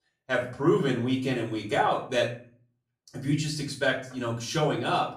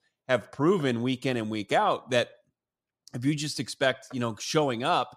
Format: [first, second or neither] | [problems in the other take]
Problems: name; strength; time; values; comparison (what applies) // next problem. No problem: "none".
second | off-mic speech; far // room echo; slight; dies away in 0.4 s